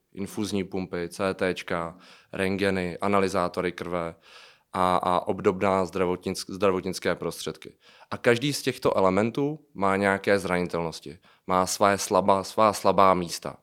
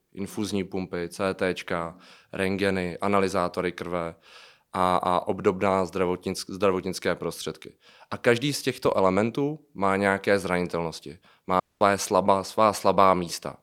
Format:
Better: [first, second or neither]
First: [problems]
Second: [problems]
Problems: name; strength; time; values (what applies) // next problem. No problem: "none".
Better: first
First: none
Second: audio cutting out; at 12 s